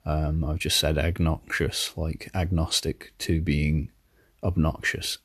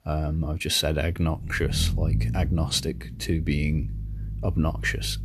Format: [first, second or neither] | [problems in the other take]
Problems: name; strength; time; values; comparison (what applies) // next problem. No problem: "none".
first | low rumble; noticeable; throughout; 15 dB below the speech